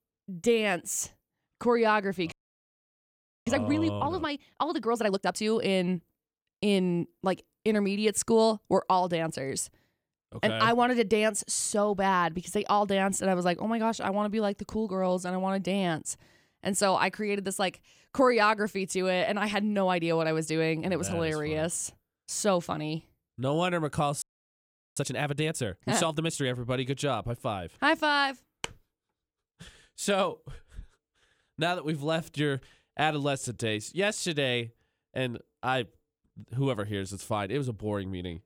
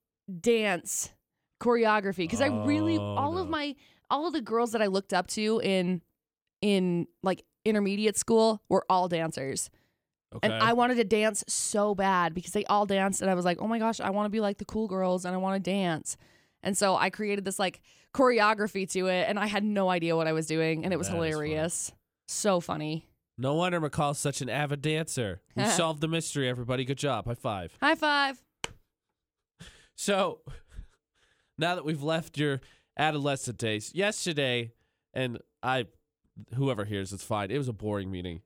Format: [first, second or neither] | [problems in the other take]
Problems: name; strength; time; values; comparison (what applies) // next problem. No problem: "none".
second | audio freezing; at 2.5 s for 1 s and at 24 s for 0.5 s